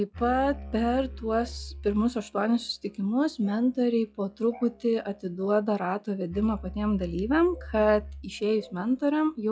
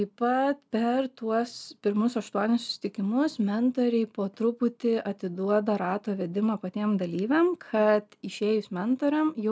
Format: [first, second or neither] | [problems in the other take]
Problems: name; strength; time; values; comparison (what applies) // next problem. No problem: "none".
second | noise reduction (classical method log-MMSE)